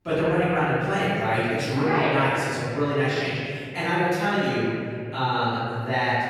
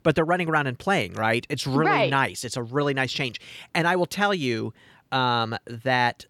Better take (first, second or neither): second